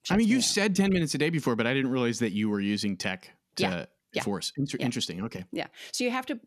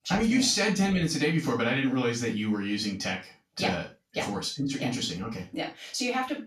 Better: first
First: none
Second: room echo; slight; dies away in 0.3 s // off-mic speech; far

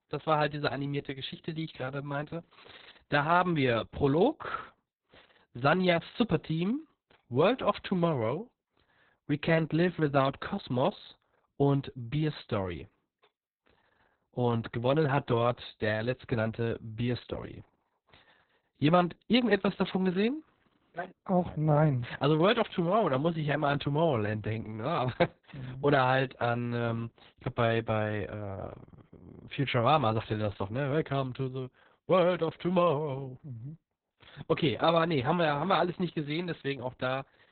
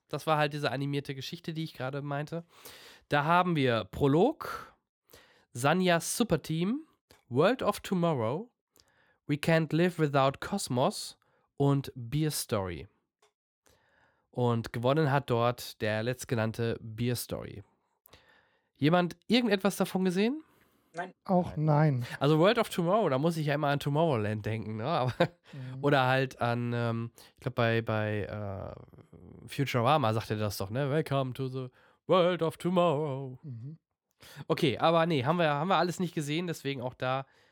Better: second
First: garbled, watery; badly; nothing above 4 kHz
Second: none

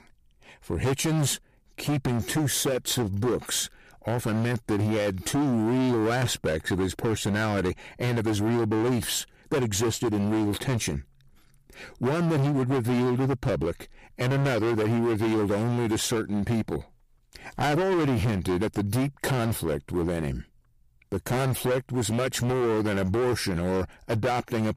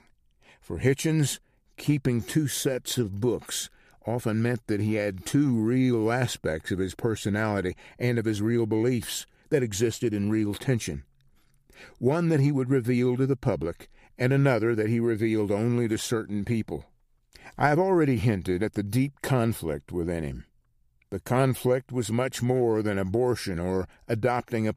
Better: second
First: distortion; heavy; 23% of the sound clipped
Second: none

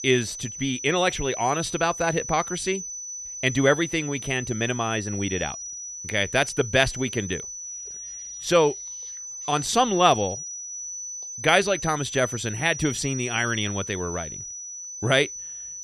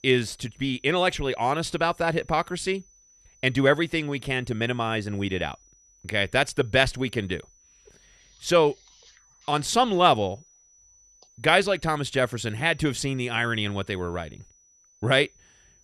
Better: second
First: high-pitched whine; loud; throughout; 6 kHz, 8 dB below the speech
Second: high-pitched whine; faint; throughout; 6 kHz, 30 dB below the speech

